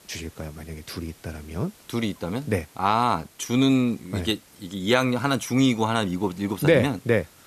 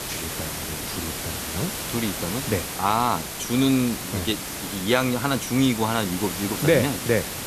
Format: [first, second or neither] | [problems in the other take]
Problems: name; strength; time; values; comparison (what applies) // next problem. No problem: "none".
first | hiss; loud; throughout; 5 dB below the speech; faint in the first